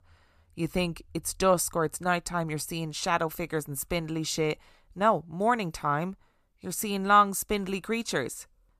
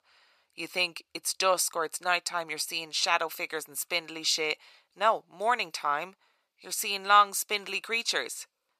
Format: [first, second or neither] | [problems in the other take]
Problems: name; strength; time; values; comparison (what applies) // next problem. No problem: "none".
first | thin; very; fading below 550 Hz